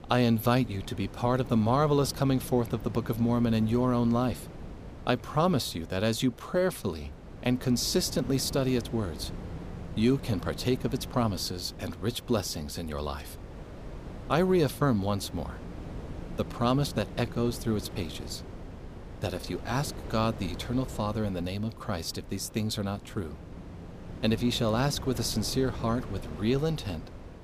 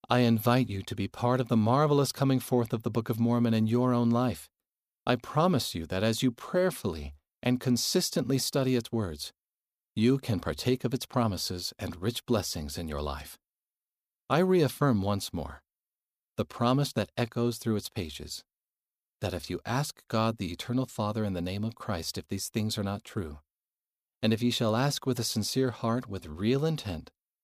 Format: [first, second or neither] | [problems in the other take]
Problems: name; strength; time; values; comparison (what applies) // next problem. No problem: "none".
second | wind noise on the microphone; occasional gusts; 15 dB below the speech